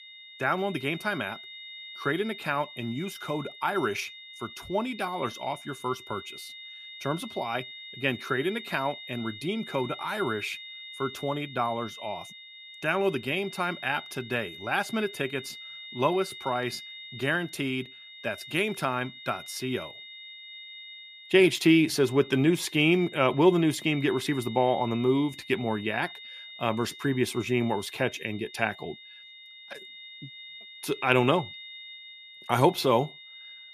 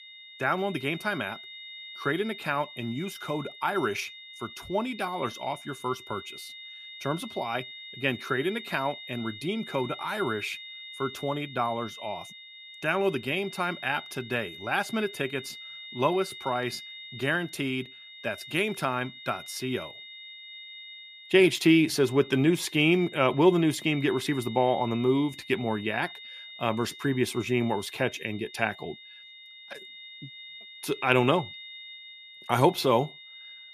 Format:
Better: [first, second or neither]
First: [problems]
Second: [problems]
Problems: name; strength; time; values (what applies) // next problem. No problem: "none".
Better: neither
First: high-pitched whine; noticeable; throughout; 3.5 kHz, 15 dB below the speech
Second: high-pitched whine; noticeable; throughout; 3.5 kHz, 15 dB below the speech